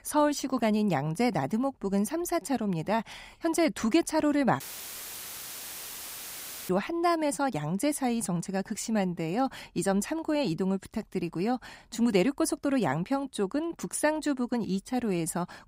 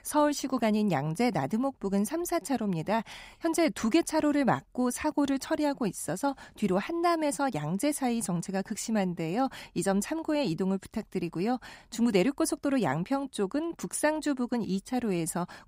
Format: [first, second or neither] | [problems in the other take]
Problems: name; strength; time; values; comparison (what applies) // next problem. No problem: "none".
second | audio cutting out; filled with static; at 4.5 s for 2 s